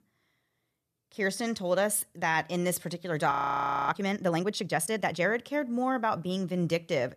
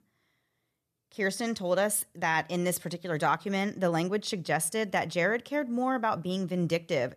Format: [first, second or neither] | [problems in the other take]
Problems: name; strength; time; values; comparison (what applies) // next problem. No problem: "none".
second | audio freezing; at 3.5 s for 0.5 s